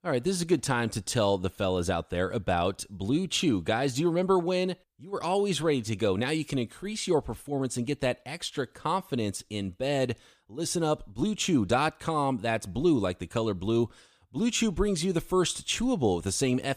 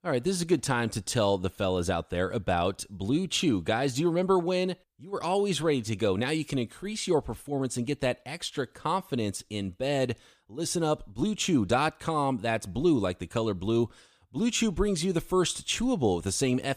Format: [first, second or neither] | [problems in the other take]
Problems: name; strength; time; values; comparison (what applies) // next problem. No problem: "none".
neither | none